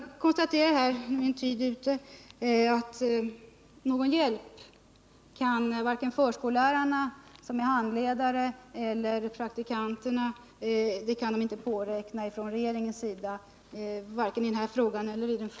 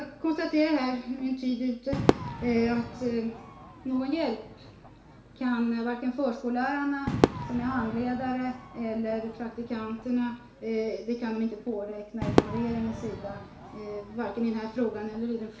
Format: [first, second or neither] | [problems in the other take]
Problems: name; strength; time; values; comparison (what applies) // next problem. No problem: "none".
first | background sound (Crowd / Fireworks); 5 dB below the speech // room echo; dies away in 0.5 s